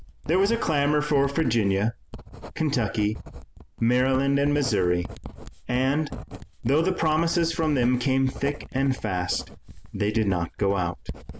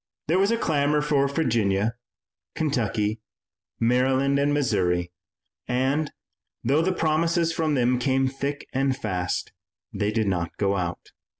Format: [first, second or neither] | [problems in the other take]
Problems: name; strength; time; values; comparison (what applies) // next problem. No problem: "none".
second | background sound (Writing); 13 dB below the speech